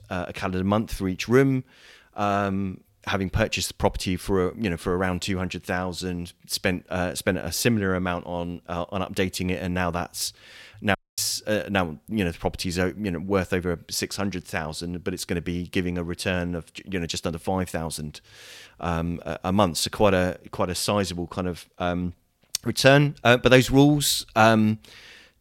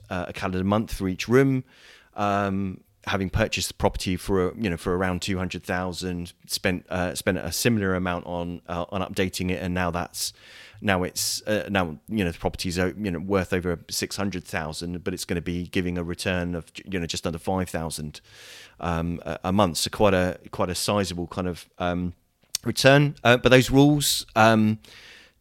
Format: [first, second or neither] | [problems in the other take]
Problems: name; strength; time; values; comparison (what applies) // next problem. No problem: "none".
second | audio cutting out; at 11 s